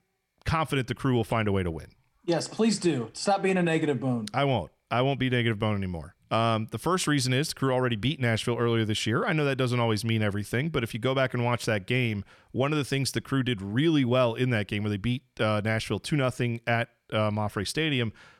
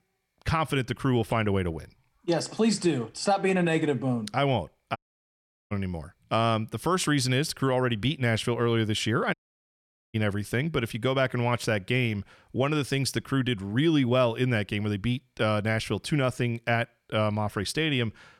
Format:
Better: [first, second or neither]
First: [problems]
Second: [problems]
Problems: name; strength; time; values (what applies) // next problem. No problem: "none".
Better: first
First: none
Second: audio cutting out; at 5 s for 0.5 s and at 9.5 s for 1 s